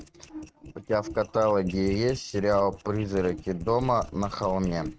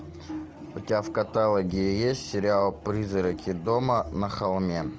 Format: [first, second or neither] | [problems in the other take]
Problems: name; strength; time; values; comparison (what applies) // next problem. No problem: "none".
second | noise reduction (neural mask model RNNoise)